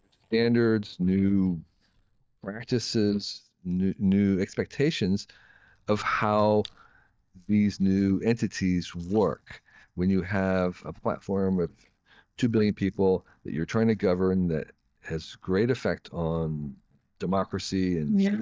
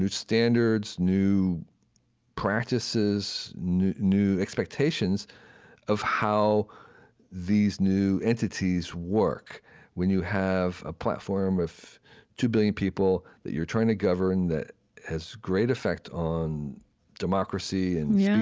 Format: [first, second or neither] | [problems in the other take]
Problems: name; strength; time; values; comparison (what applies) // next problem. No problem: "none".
second | noise reduction (neural mask model DeepFilterNet 3)